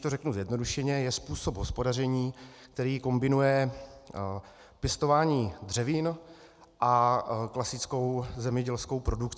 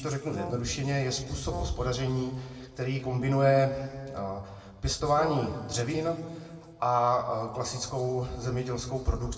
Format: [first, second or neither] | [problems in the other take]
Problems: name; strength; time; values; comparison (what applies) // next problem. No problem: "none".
first | background sound (Brass instrument); 13 dB below the speech // room echo; dies away in 1.5 s